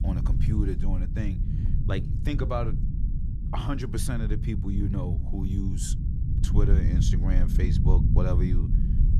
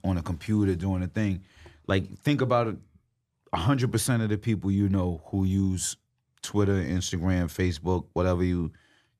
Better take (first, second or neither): second